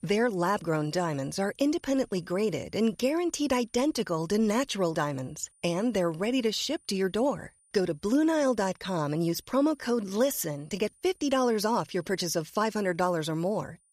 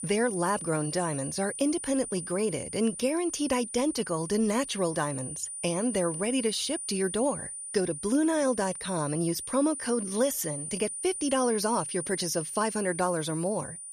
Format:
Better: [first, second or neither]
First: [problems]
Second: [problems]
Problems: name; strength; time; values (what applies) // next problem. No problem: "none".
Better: first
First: high-pitched whine; faint; throughout; 9.5 kHz, 35 dB below the speech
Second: high-pitched whine; loud; throughout; 9.5 kHz, 6 dB below the speech